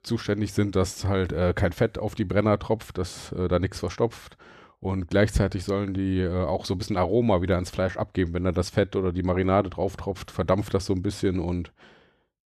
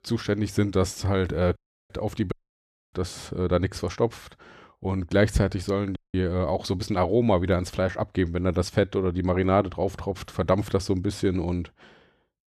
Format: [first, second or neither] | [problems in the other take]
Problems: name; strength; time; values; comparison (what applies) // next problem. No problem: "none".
first | audio cutting out; at 1.5 s, at 2.5 s for 0.5 s and at 6 s